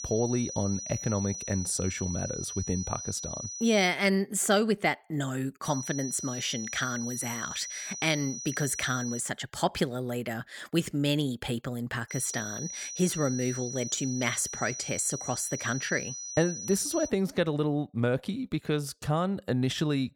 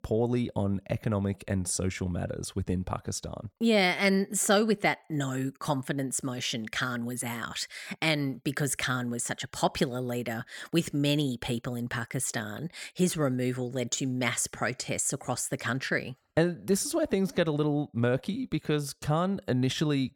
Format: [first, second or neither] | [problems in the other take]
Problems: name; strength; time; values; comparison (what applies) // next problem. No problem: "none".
second | high-pitched whine; loud; until 4 s, from 5.5 to 9 s and from 12 to 17 s; 6 kHz, 6 dB below the speech